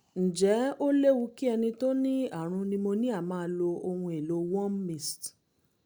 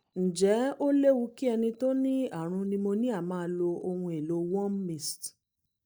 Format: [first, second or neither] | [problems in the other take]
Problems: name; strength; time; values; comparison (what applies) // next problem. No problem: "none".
first | noise reduction (neural mask model DeepFilterNet 3)